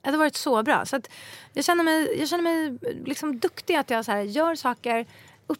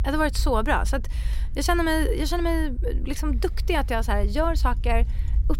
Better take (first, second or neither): first